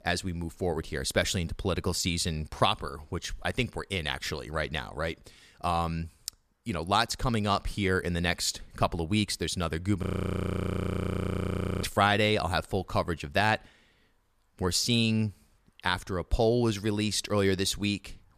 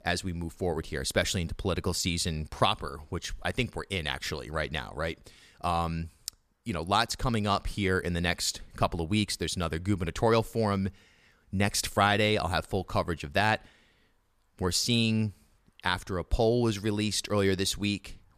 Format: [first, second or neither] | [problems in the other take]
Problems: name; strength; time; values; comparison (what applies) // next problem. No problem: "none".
second | audio freezing; at 10 s for 2 s